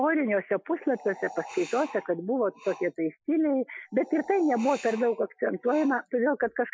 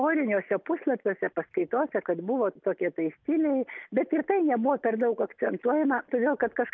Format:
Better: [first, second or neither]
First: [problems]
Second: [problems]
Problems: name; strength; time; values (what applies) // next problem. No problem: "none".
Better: second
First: noise reduction (classical method Wiener filter)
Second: none